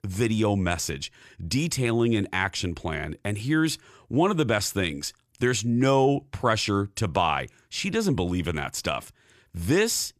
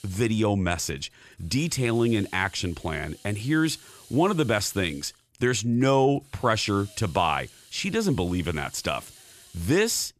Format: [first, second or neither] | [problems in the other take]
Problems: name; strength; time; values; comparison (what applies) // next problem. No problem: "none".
first | hiss; faint; throughout; 25 dB below the speech